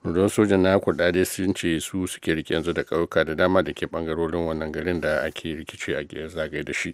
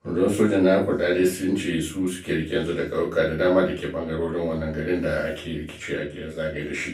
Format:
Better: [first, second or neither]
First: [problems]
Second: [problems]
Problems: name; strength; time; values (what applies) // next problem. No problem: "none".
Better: first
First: none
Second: off-mic speech; far // room echo; slight; dies away in 0.3 s